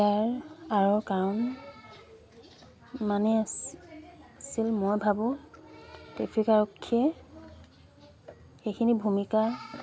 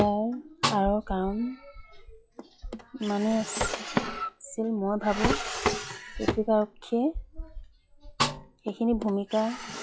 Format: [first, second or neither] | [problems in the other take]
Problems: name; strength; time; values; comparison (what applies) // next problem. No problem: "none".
first | noise reduction (classical method log-MMSE)